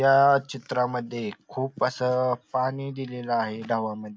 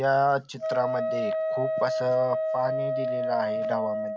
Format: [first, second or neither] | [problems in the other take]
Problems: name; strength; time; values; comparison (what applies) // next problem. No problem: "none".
first | background sound (Wind instrument, woodwind instrument); 1 dB above the speech